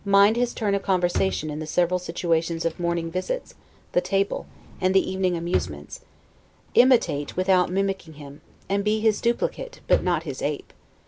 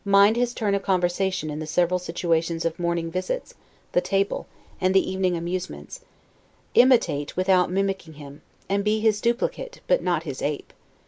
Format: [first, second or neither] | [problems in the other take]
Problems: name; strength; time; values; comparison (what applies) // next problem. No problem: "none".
second | background sound (Drawer open or close); 14 dB below the speech